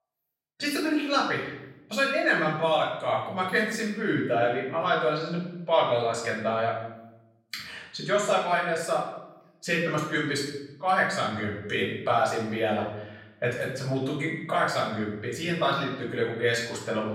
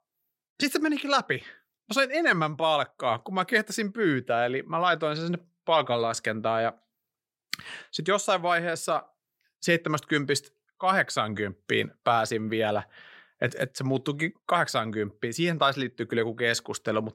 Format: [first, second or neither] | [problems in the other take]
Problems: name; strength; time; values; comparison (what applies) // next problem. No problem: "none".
second | off-mic speech; far // room echo; noticeable; dies away in 0.8 s